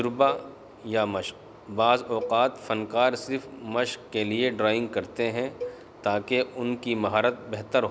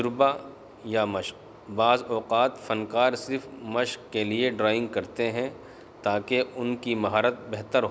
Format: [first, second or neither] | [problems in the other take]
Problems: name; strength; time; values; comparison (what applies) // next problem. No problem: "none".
second | background sound (Cowbell); 16 dB below the speech